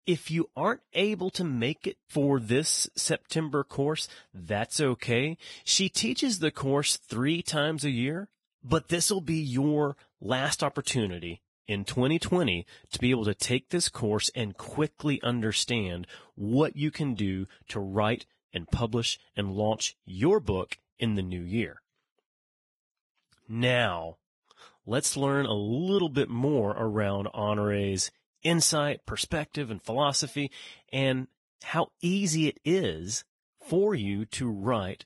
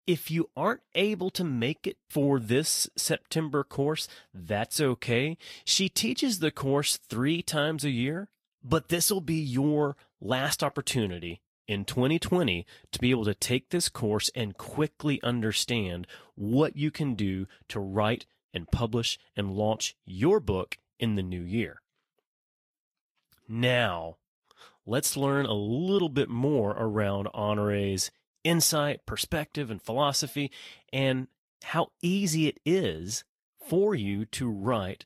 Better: second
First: garbled, watery; badly; nothing above 11 kHz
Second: garbled, watery; slightly; nothing above 12.5 kHz

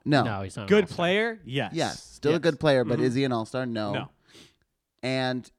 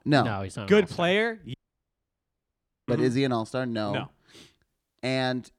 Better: first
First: none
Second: audio cutting out; at 1.5 s for 1.5 s

